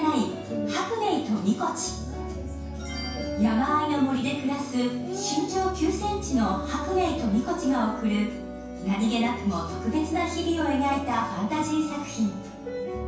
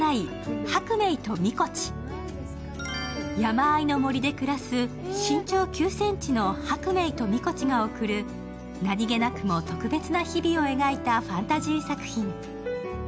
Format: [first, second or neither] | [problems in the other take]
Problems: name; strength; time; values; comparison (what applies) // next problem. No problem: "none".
second | room echo; dies away in 0.7 s